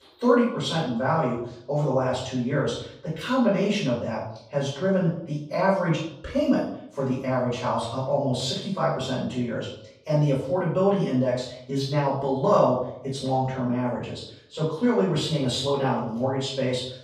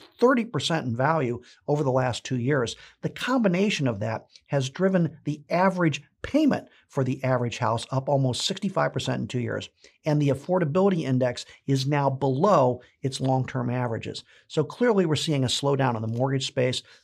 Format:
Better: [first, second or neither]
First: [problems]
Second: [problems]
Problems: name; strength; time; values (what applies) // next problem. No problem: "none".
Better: second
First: off-mic speech; far // room echo; noticeable; dies away in 0.6 s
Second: none